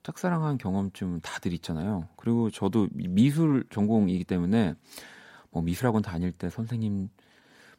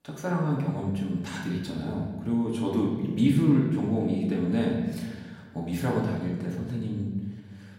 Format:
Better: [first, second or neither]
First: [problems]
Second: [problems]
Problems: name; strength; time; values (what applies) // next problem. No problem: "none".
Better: first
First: none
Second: off-mic speech; far // room echo; noticeable; dies away in 1.2 s